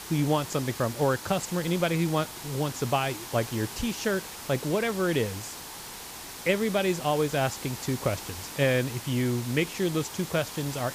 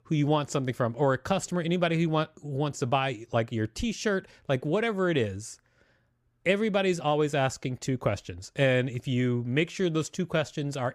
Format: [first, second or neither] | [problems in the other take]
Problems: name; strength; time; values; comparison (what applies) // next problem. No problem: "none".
second | hiss; loud; throughout; 10 dB below the speech